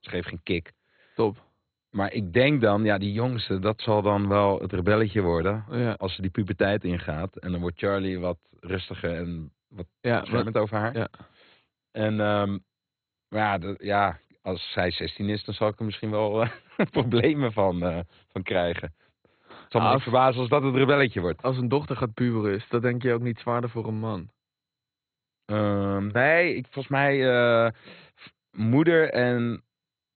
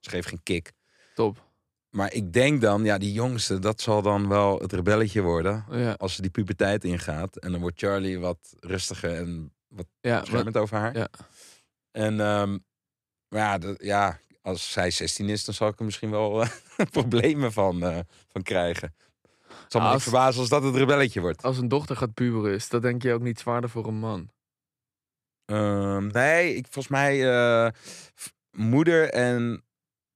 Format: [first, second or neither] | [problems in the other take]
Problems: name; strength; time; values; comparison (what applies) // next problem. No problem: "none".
second | garbled, watery; badly; nothing above 4 kHz